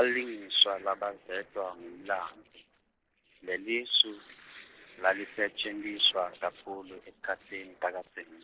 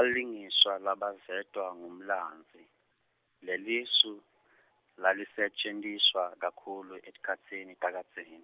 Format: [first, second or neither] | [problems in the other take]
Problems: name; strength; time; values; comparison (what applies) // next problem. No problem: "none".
second | noise reduction (neural separator model SepFormer DNS4)